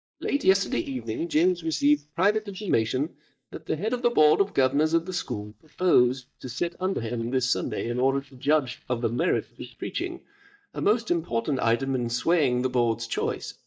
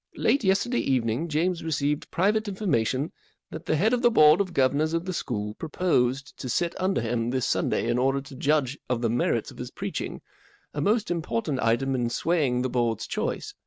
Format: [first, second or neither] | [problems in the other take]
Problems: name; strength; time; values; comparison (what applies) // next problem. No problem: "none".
second | noise reduction (neural mask model DeepFilterNet 3)